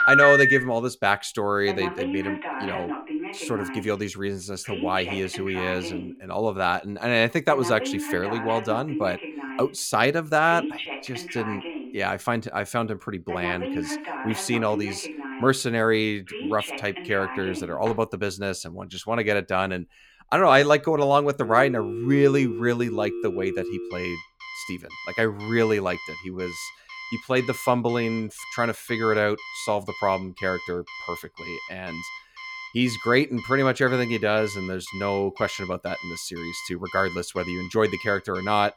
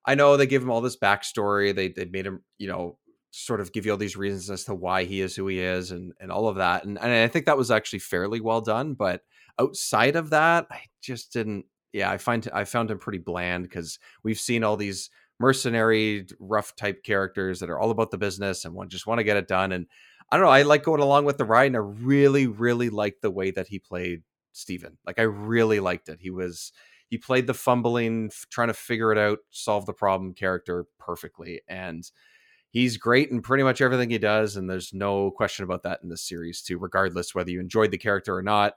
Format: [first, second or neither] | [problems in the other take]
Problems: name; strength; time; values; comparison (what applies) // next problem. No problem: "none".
second | alarms or sirens; loud; throughout; 7 dB below the speech